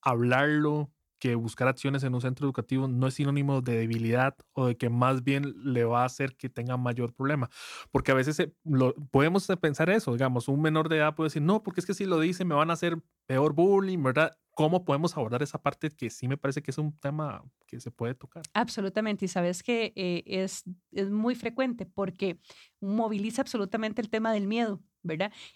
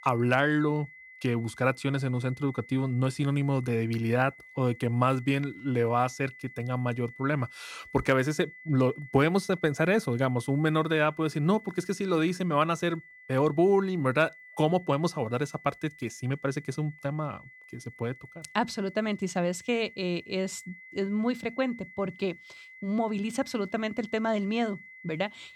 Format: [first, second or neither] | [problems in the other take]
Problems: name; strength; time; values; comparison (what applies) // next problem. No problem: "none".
first | high-pitched whine; noticeable; throughout; 2 kHz, 20 dB below the speech